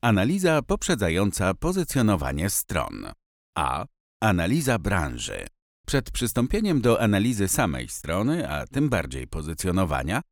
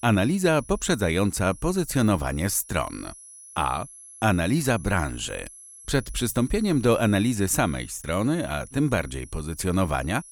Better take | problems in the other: first | high-pitched whine; noticeable; throughout; 11 kHz, 20 dB below the speech

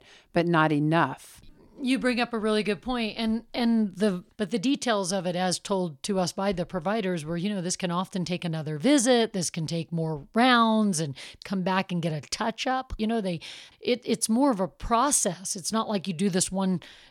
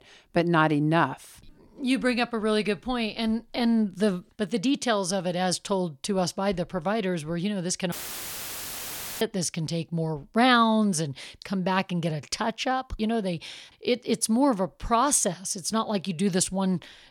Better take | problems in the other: first | audio cutting out; filled with static; at 8 s for 1.5 s

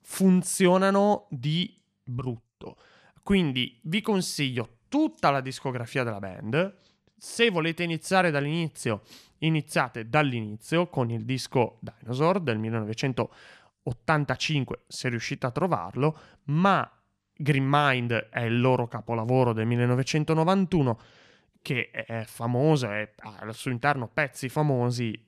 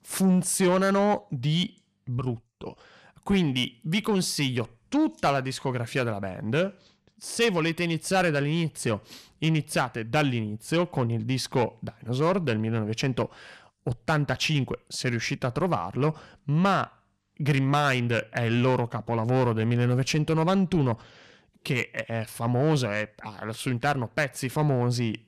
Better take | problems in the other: first | distortion; slight; 10 dB below the speech

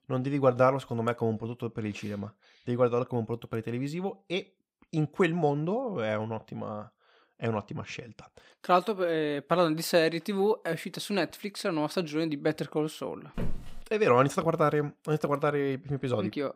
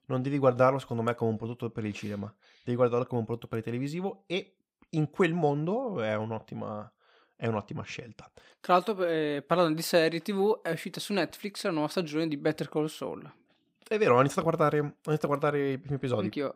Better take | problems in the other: second | footsteps; noticeable; at 13 s; peak 9 dB below the speech

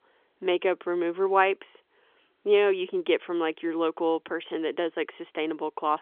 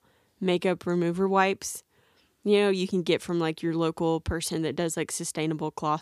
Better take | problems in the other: second | phone-call audio; nothing above 3.5 kHz

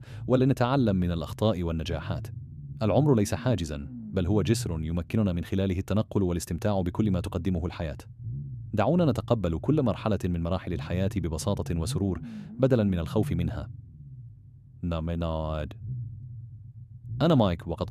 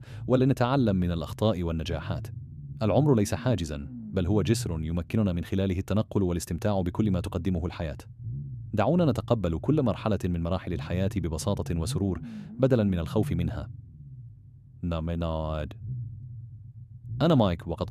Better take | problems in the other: neither | low rumble; noticeable; throughout; 20 dB below the speech; the same in both

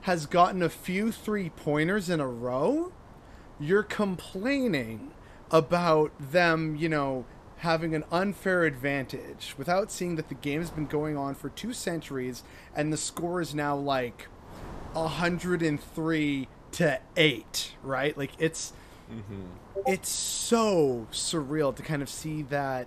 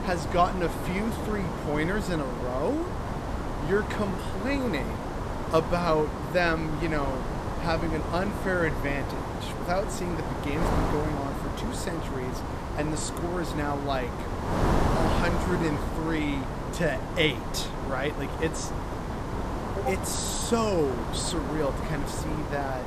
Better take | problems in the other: first | wind noise on the microphone; heavy; 3 dB below the speech; occasional gusts in the first

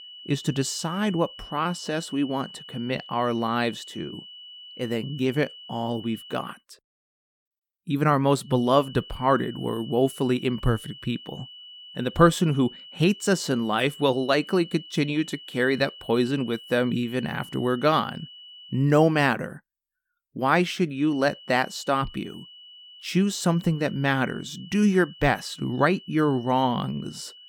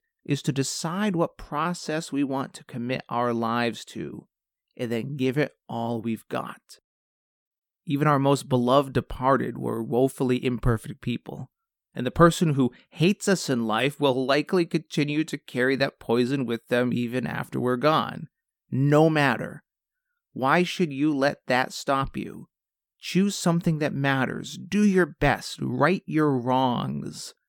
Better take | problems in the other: second | high-pitched whine; noticeable; until 6.5 s, from 8.5 to 19 s and from 21 s on; 3 kHz, 20 dB below the speech

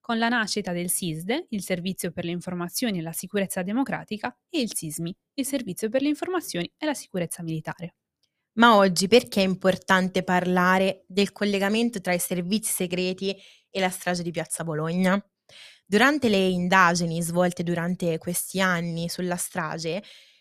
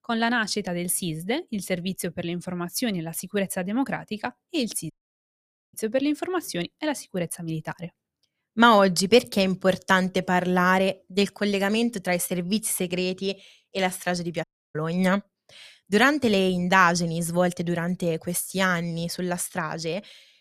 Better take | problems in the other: first | audio cutting out; at 5 s for 1 s and at 14 s

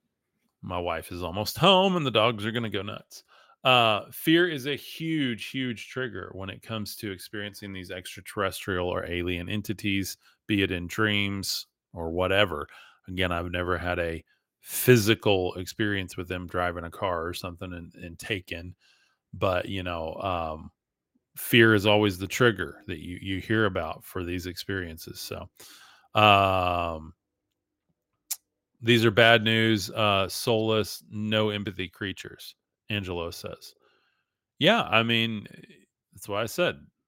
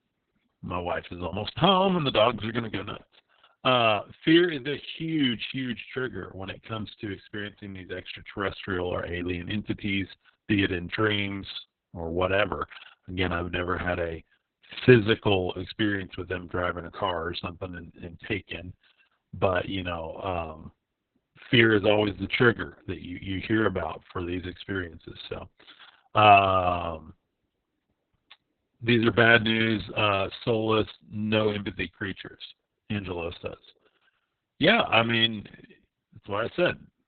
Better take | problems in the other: first | garbled, watery; badly

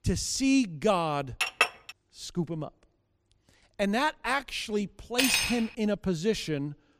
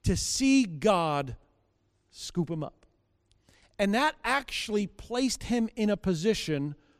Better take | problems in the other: second | clattering dishes; loud; at 1.5 s and at 5 s; peak 5 dB above the speech

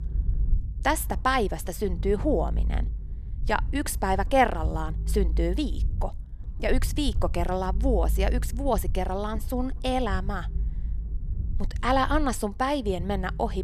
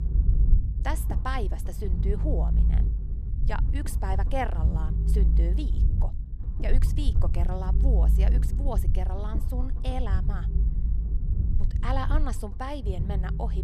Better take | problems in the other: first | low rumble; loud; throughout; 8 dB below the speech; faint in the first

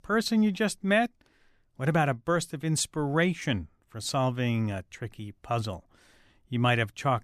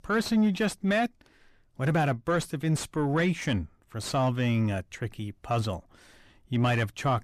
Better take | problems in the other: first | distortion; slight; 10 dB below the speech

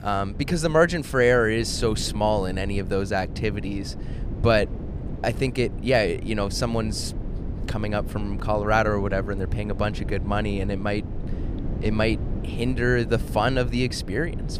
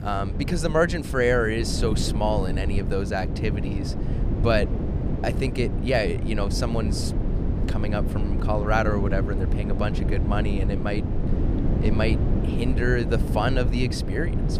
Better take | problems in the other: first | wind noise on the microphone; heavy; 8 dB below the speech; occasional gusts in the first

